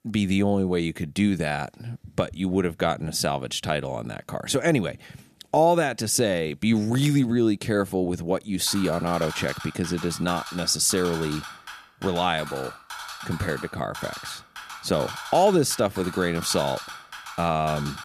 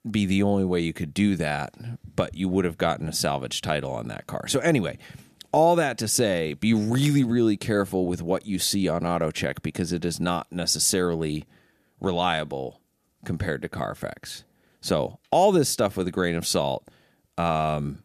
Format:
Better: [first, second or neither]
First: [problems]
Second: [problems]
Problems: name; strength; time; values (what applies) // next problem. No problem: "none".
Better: second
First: keyboard typing; noticeable; from 8.5 s on; peak 9 dB below the speech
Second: none